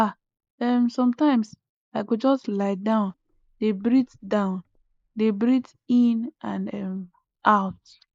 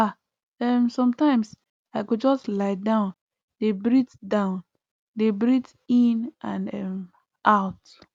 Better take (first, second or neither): second